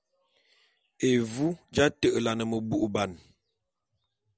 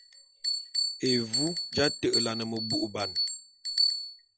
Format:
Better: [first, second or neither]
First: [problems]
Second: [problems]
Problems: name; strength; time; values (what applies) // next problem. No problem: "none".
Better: first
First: none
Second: noise reduction (classical method log-MMSE)